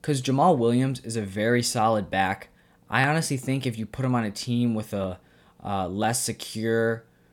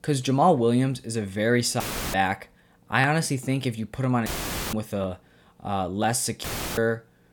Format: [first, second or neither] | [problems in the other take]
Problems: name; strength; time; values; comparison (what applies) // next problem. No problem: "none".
first | audio cutting out; filled with static; at 2 s, at 4.5 s and at 6.5 s